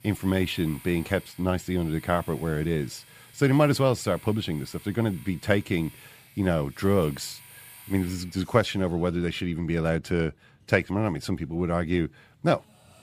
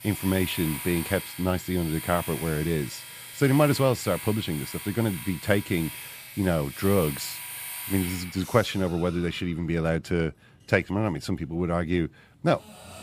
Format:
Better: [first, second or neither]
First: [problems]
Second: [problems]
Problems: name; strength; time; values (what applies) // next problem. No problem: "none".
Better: first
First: household noises; faint; throughout; 20 dB below the speech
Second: household noises; loud; throughout; 9 dB below the speech